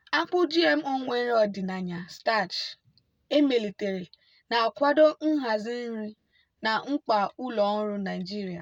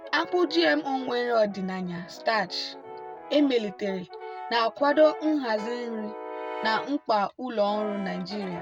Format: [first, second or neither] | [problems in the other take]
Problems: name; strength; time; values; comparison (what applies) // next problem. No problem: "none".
first | background sound (Brass instrument); 13 dB below the speech